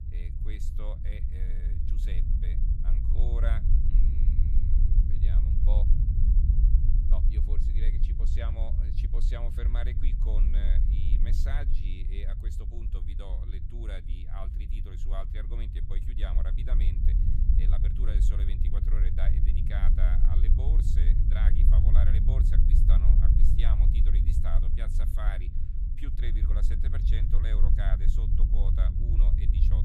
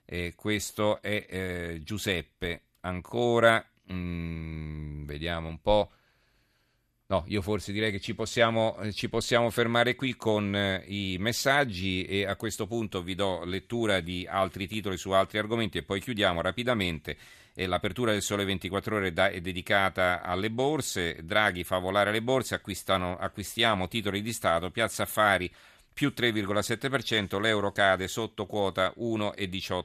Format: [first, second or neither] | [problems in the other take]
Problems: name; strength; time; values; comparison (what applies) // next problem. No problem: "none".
second | low rumble; loud; throughout; 1 dB below the speech